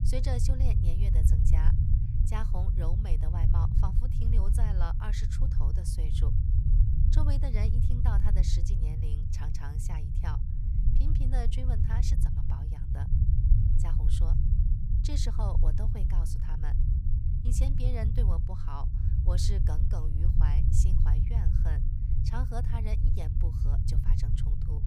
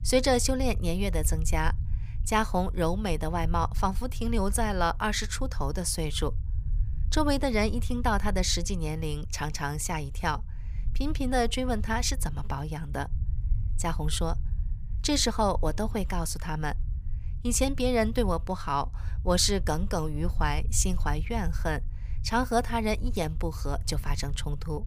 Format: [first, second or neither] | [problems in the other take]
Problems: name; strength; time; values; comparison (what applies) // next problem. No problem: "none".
second | low rumble; loud; throughout; 1 dB below the speech; faint in the second